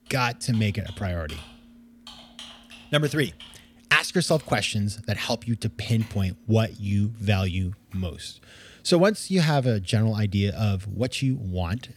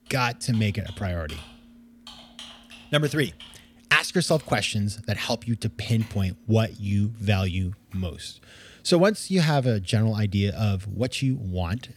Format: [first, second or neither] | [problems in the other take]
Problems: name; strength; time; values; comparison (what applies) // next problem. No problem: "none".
neither | household noises; faint; throughout; 25 dB below the speech; the same in both